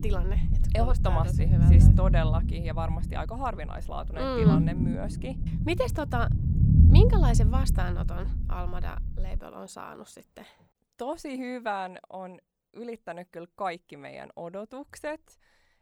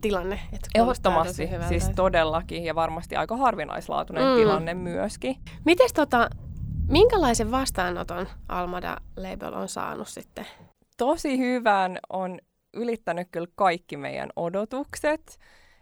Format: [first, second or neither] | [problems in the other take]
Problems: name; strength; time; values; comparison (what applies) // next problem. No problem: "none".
second | low rumble; loud; until 9.5 s; 2 dB below the speech; faint in the second